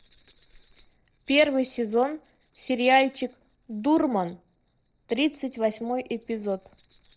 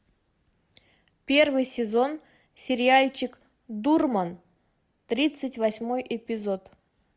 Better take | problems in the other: second | noise reduction (neural separator model SepFormer DNS4)

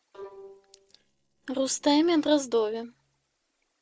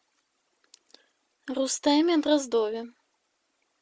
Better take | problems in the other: second | noise reduction (neural separator model SepFormer DNS4)

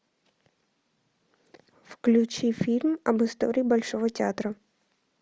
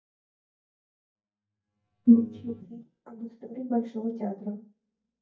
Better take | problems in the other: first | noise reduction (neural mask model DeepFilterNet 3)

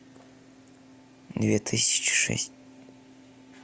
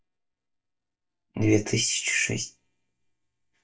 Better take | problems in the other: first | noise reduction (neural mask model DeepFilterNet 3)

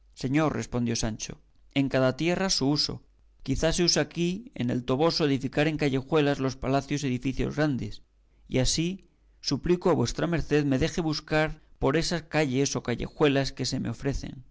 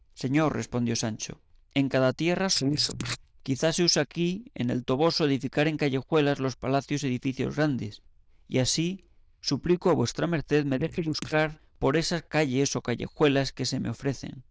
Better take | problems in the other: first | noise reduction (neural diffusion model UNIVERSE++)

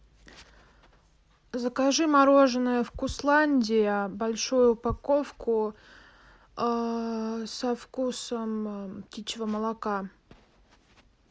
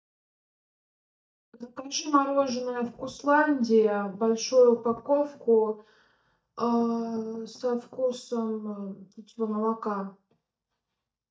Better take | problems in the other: first | noise reduction (neural mask model DeepFilterNet 3)

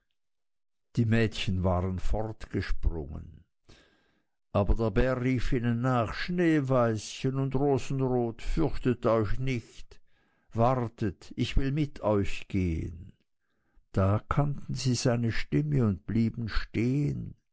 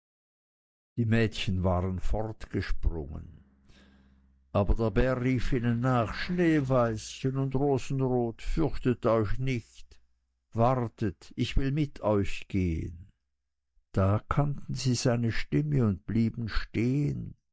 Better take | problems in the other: first | noise reduction (neural mask model DeepFilterNet 3)

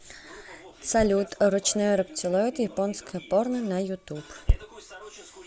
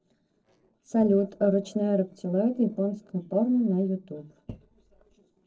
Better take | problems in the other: first | noise reduction (neural separator model SepFormer DNS4)

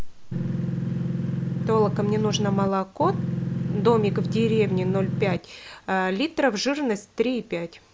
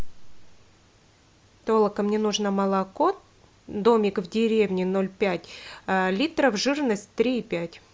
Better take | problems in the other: second | background sound (Engine); 1 dB below the speech

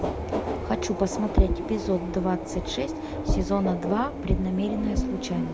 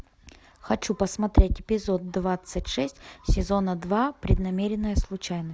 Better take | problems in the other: second | background sound (Subway, metro, underground); 4 dB below the speech // room echo; dies away in 0.3 s

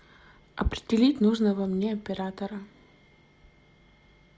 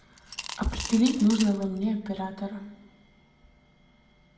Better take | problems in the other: first | background sound (Coin (dropping) / Glass); 11 dB below the speech // room echo; dies away in 0.6 s

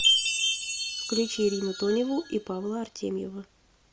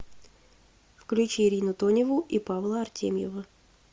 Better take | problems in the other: second | background sound (Chime); as loud as the speech

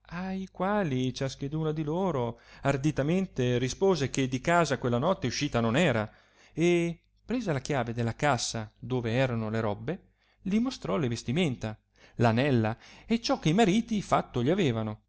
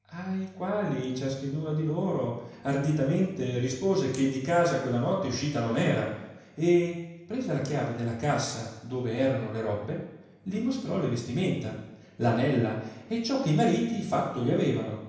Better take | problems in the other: first | room echo; dies away in 0.9 s

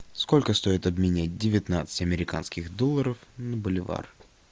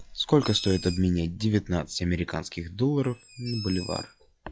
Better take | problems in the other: first | noise reduction (classical method log-MMSE)

